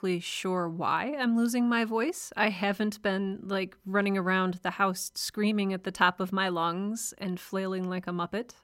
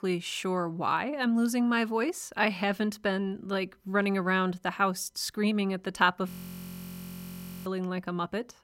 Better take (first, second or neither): first